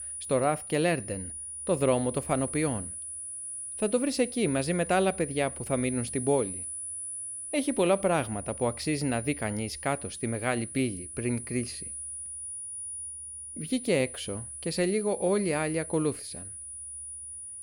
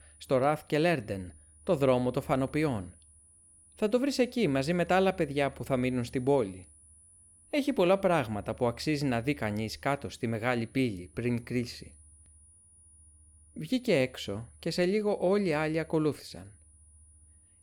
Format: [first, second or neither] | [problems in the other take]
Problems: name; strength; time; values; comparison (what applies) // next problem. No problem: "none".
second | high-pitched whine; loud; throughout; 9.5 kHz, 8 dB below the speech; faint in the second